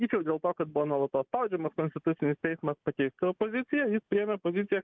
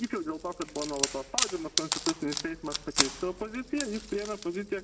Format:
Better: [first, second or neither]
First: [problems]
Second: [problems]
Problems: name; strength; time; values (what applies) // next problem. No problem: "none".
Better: first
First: none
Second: background sound (Wood); 1 dB below the speech // room echo; dies away in 1.3 s